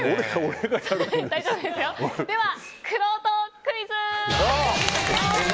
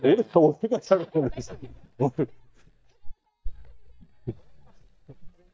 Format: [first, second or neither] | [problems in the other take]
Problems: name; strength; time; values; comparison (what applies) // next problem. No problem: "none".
first | noise reduction (neural mask model DeepFilterNet 3)